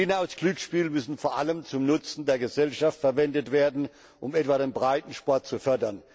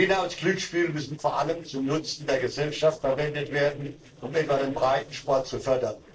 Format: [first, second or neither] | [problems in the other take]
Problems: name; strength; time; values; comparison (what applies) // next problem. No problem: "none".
first | noise reduction (neural separator model SepFormer DNS4)